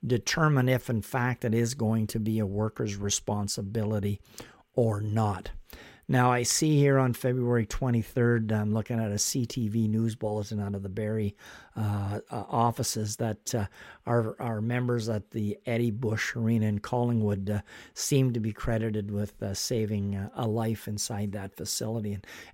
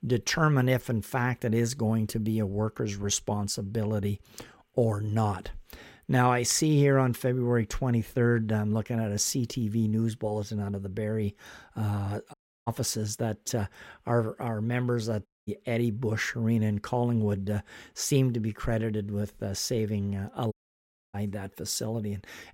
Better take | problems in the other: first | audio cutting out; at 12 s, at 15 s and at 21 s for 0.5 s

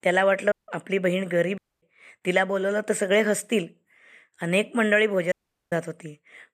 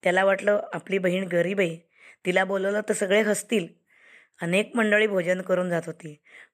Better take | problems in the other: second | audio cutting out; at 0.5 s, at 1.5 s and at 5.5 s

